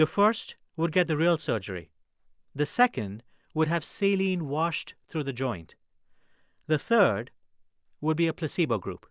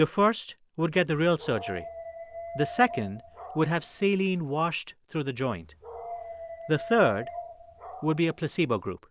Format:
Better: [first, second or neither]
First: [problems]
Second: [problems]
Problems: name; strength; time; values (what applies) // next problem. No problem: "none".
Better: first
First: none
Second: background sound (Dog); 13 dB below the speech